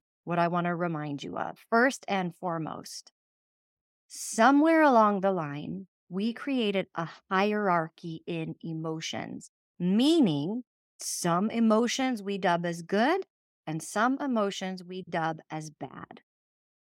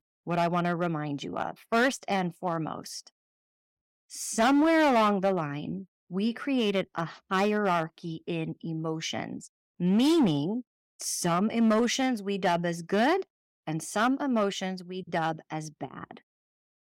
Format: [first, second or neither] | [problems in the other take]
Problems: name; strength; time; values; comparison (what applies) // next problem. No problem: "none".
first | distortion; slight; 4% of the sound clipped